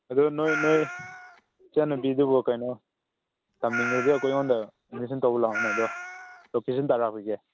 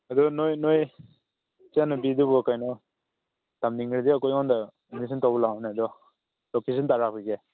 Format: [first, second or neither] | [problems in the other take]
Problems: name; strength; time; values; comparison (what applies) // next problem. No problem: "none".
second | background sound (Meow); 7 dB below the speech